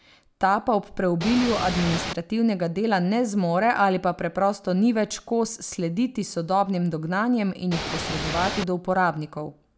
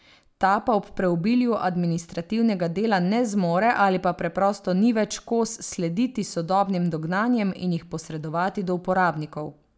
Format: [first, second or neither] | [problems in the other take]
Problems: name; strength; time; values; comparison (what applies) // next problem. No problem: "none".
second | background sound (Ocean / Boat, Water vehicle); 5 dB below the speech